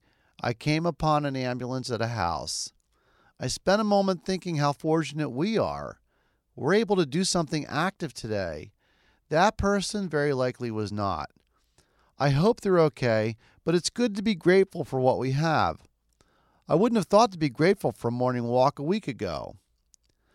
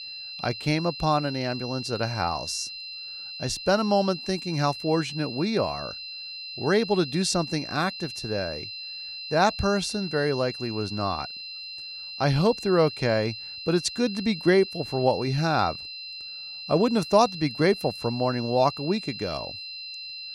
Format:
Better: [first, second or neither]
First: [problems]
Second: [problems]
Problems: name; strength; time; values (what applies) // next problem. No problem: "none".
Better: first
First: none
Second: high-pitched whine; loud; throughout; 4 kHz, 9 dB below the speech